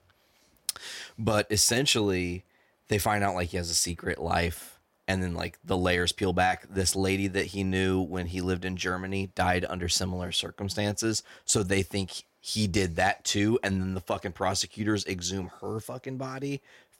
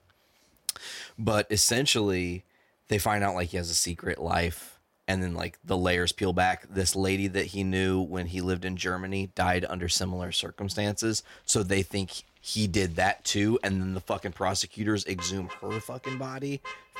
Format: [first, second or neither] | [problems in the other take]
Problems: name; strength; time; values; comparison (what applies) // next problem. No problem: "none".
first | traffic noise; noticeable; from 11 s on; 20 dB below the speech